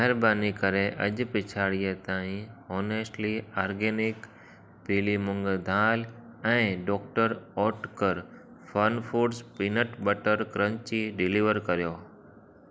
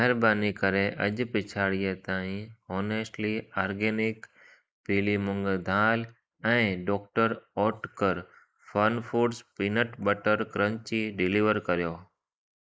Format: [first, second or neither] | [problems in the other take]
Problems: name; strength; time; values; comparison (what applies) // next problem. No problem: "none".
first | noise reduction (neural mask model Resemble Enhance denoiser)